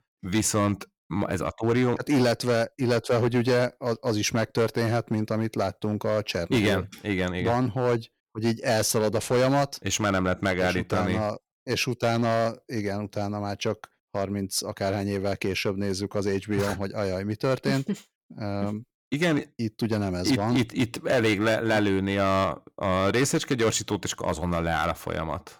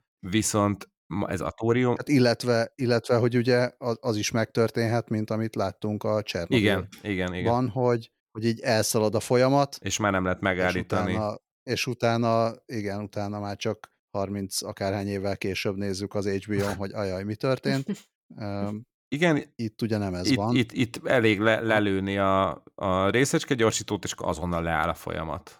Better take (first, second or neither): second